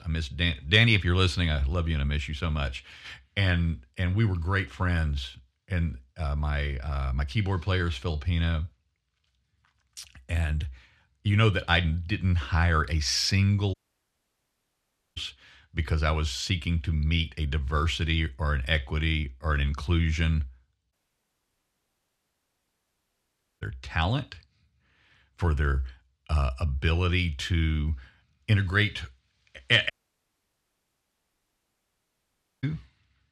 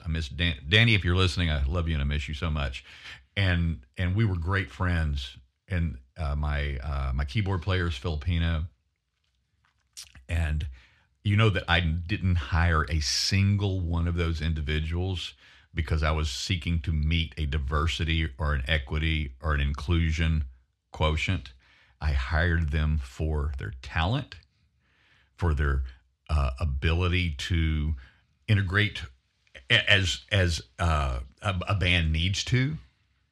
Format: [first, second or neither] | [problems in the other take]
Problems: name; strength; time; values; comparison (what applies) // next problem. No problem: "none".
second | audio cutting out; at 14 s for 1.5 s, at 21 s for 2.5 s and at 30 s for 2.5 s